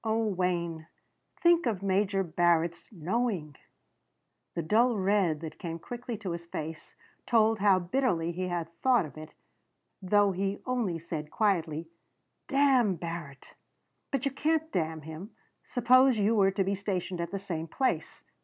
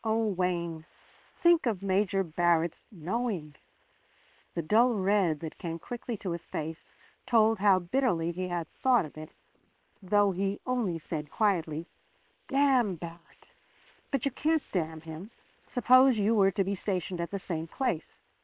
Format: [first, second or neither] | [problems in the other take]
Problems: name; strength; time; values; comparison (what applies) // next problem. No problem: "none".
first | noise reduction (neural separator model SepFormer WHAM!)